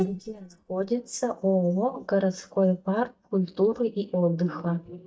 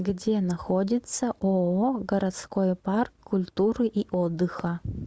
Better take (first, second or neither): second